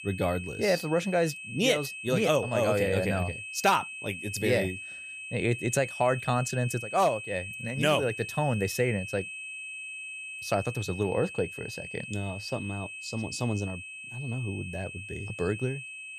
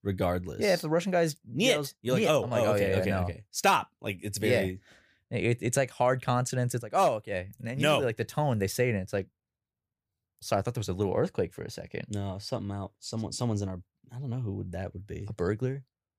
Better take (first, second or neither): second